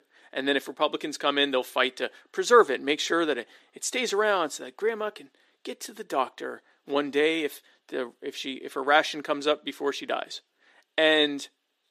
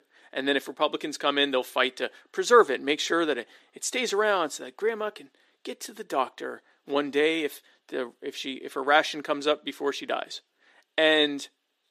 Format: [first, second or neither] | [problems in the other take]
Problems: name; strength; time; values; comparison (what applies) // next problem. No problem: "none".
neither | thin; very slightly; fading below 300 Hz; the same in both